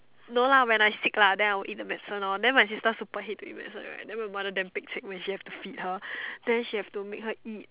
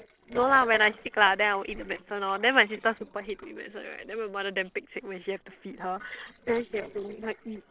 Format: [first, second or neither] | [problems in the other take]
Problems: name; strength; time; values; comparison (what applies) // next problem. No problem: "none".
first | noise reduction (neural separator model SepFormer DNS4)